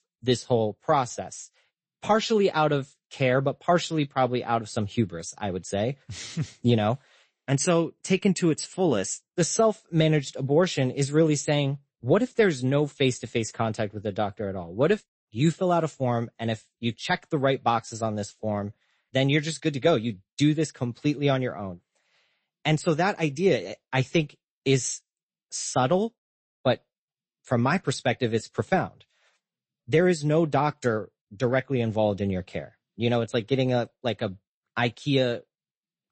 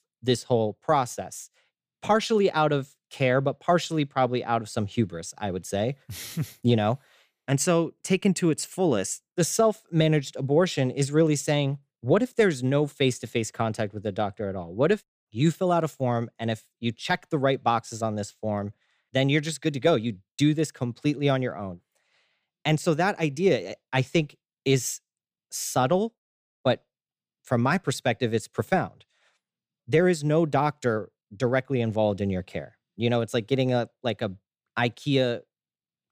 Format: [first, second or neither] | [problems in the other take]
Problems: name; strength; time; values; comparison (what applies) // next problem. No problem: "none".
second | garbled, watery; slightly; nothing above 8 kHz